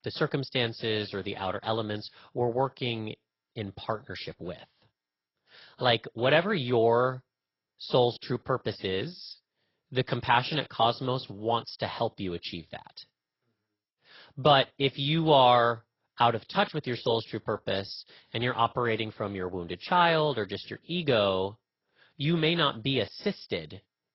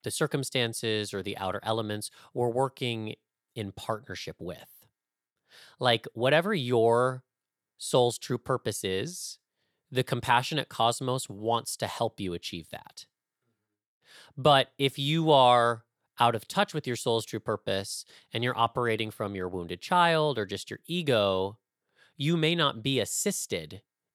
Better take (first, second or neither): second